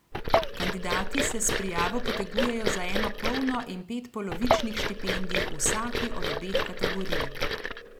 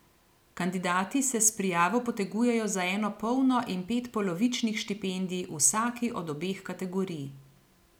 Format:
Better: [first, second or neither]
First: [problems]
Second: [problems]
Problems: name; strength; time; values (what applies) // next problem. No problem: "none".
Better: second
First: background sound (Liquid); 4 dB above the speech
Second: none